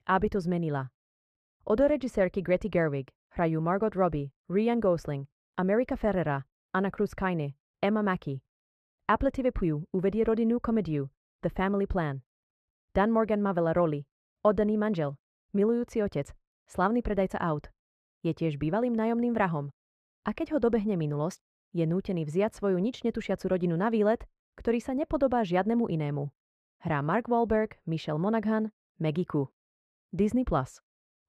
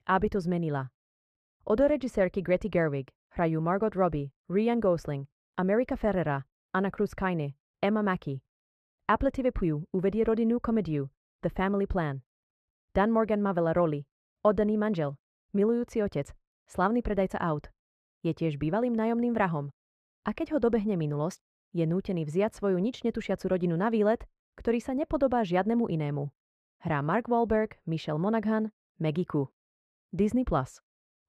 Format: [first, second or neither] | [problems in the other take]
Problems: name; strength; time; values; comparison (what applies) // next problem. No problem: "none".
neither | muffled; very; fading above 3.5 kHz; the same in both